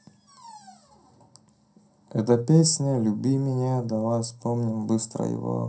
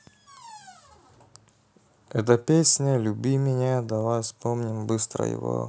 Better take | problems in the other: second | room echo; dies away in 0.3 s

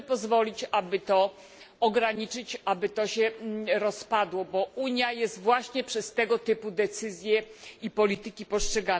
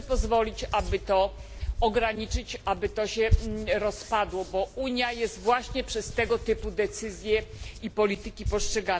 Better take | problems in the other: first | background sound (Hands); 6 dB below the speech

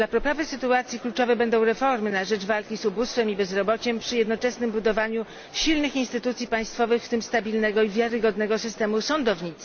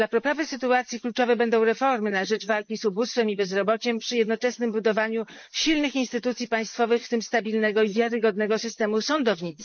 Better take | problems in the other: first | noise reduction (neural mask model Resemble Enhance denoiser)

